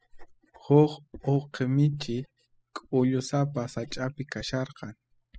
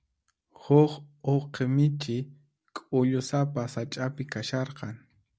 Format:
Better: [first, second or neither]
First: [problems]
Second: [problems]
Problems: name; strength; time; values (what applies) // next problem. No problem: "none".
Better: second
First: noise reduction (classical method spectral subtraction)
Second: none